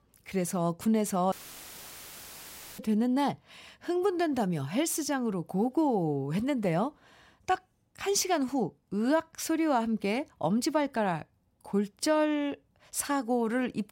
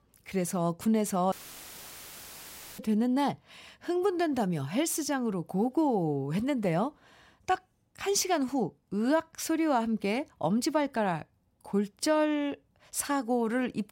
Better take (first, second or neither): neither